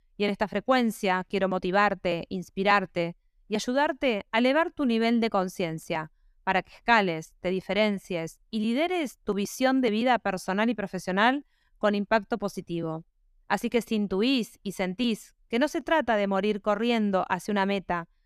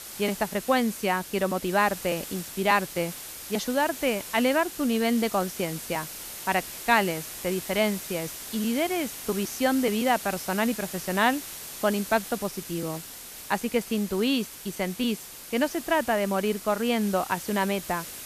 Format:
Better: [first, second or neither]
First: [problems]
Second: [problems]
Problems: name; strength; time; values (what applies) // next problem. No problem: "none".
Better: first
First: none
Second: hiss; loud; throughout; 10 dB below the speech